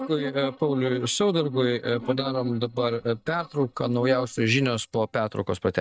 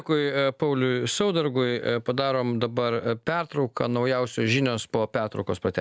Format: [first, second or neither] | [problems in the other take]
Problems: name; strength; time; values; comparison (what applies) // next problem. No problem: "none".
second | noise reduction (neural mask model DeepFilterNet 3)